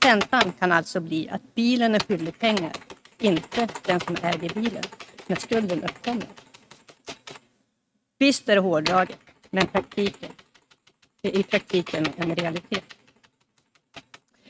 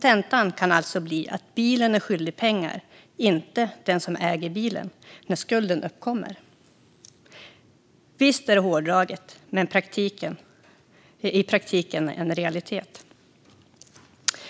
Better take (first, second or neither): second